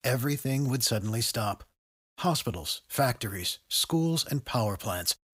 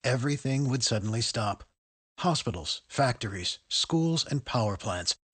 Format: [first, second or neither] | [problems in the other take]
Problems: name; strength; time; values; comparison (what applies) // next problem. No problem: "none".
first | garbled, watery; slightly; nothing above 8.5 kHz